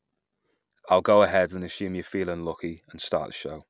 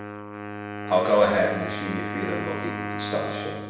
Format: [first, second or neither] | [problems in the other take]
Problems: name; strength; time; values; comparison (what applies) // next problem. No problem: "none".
first | background sound (Wind instrument, woodwind instrument); 6 dB below the speech // room echo; dies away in 0.9 s